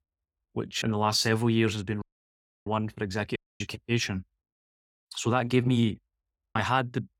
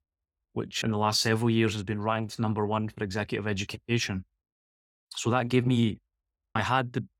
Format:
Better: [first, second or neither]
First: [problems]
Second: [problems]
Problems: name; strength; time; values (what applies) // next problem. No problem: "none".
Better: second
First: audio cutting out; at 2 s for 0.5 s and at 3.5 s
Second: none